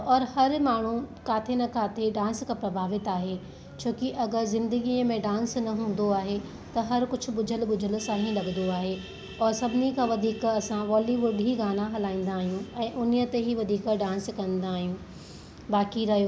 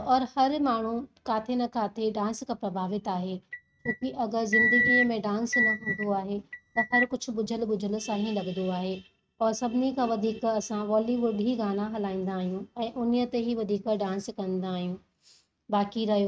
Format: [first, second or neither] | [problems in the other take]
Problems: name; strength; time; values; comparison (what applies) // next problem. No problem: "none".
first | noise reduction (neural mask model RNNoise)